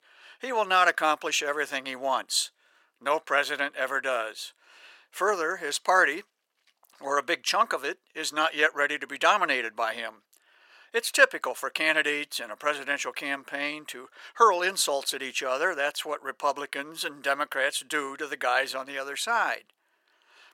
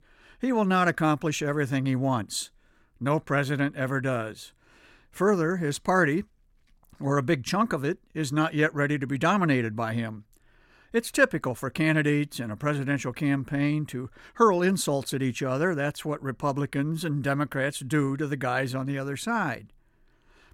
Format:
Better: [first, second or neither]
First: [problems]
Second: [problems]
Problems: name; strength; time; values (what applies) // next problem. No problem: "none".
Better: second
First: thin; very; fading below 550 Hz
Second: none